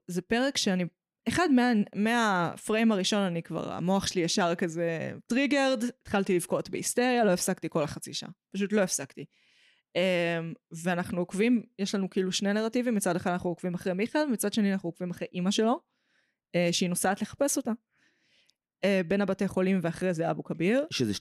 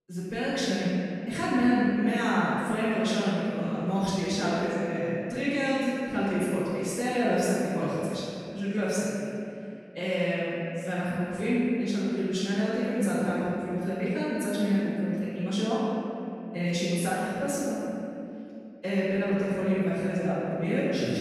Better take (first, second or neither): first